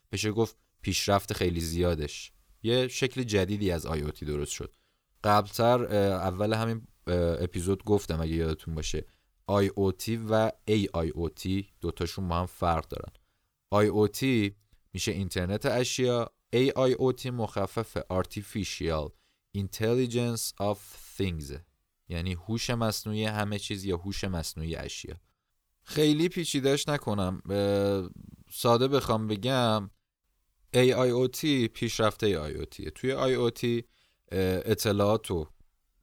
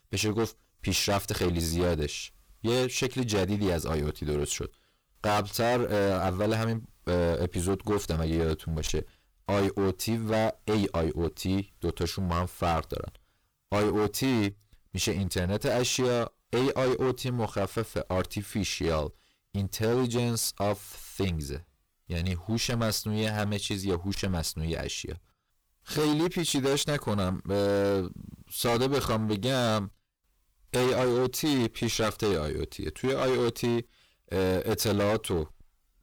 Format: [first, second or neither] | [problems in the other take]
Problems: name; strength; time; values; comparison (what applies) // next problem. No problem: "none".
first | distortion; heavy; 15% of the sound clipped